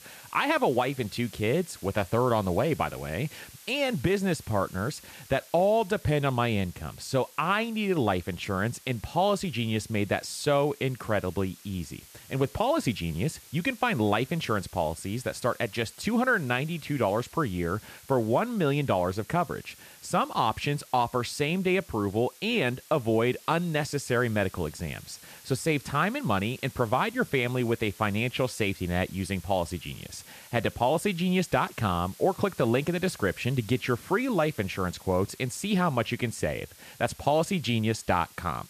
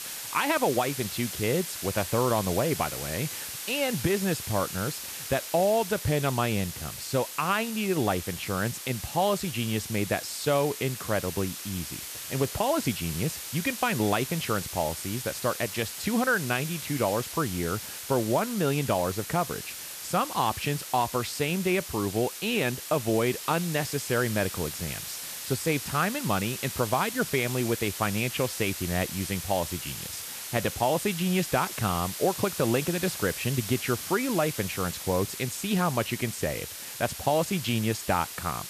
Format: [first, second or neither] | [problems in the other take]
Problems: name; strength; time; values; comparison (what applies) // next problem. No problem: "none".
first | hiss; loud; throughout; 7 dB below the speech; faint in the first